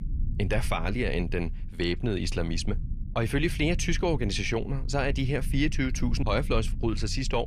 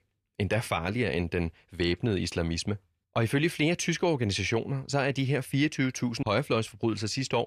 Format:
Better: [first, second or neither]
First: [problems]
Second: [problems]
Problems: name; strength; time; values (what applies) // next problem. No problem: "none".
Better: second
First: low rumble; noticeable; throughout; 20 dB below the speech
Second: none